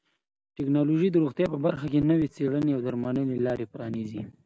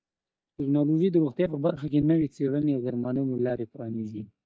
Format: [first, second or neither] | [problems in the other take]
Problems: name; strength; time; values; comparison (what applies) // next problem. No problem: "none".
first | noise reduction (neural mask model DeepFilterNet 3)